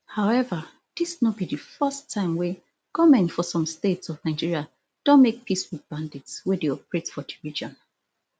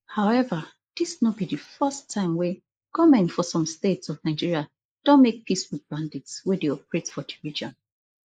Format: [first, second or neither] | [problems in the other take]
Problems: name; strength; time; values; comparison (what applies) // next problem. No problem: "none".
first | noise reduction (neural mask model Resemble Enhance denoiser)